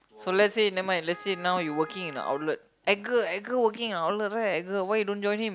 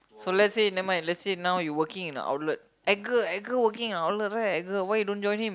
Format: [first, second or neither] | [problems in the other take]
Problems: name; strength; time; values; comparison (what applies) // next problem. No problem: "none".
second | background sound (Wind instrument, woodwind instrument); 19 dB below the speech